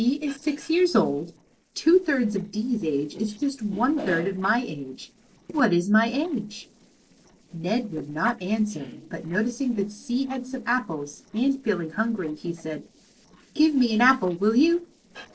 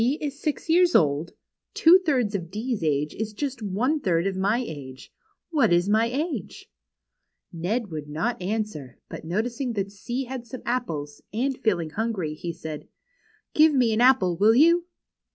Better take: second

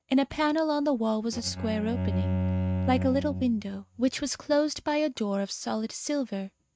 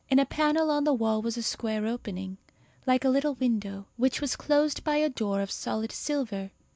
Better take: second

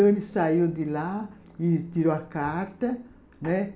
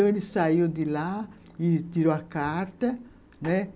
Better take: second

